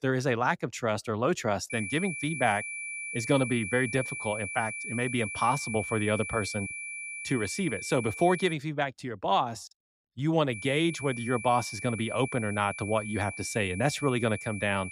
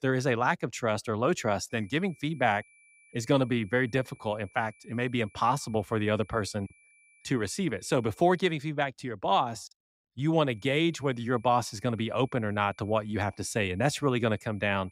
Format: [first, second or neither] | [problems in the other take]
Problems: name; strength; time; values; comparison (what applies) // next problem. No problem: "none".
second | high-pitched whine; loud; from 1.5 to 8.5 s and from 11 s on; 2.5 kHz, 7 dB below the speech; faint in the second